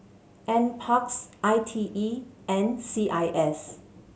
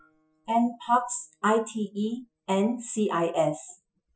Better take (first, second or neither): first